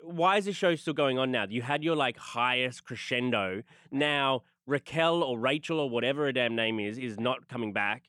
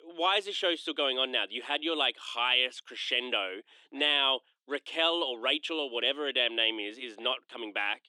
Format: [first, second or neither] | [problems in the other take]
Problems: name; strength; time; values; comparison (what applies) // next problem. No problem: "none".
first | thin; somewhat; fading below 300 Hz